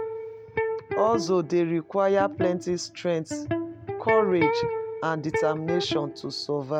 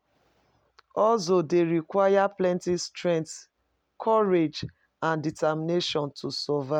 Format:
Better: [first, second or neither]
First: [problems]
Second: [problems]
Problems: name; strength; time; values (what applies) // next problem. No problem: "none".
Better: second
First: background sound (Electric guitar); 4 dB below the speech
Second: none